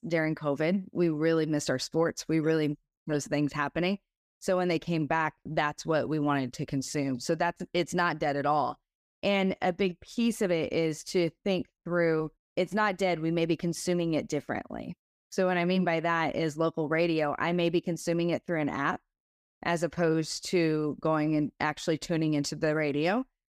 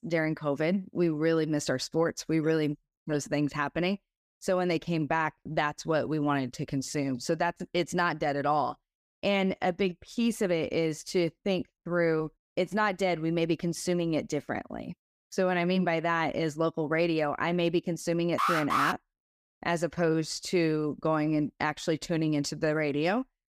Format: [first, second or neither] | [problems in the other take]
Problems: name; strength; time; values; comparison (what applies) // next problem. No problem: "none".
first | alarm; loud; at 18 s; peak 2 dB above the speech